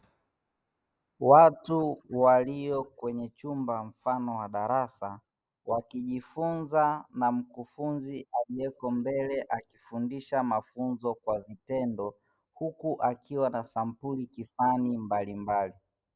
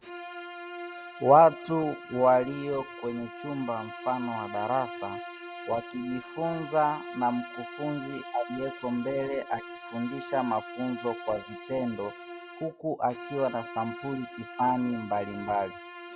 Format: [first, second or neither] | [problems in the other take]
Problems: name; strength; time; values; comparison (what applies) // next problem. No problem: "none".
first | background sound (Bowed string instrument); 12 dB below the speech